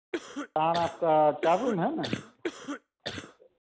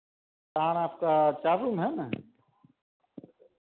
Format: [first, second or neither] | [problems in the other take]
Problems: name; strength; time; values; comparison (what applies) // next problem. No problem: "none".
second | background sound (Cough); 10 dB below the speech